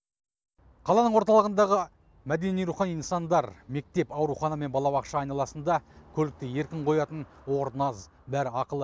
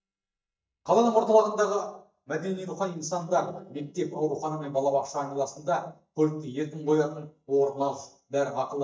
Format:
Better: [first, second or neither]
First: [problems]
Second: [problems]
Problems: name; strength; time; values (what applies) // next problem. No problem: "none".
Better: first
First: none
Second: noise reduction (neural mask model DeepFilterNet 3)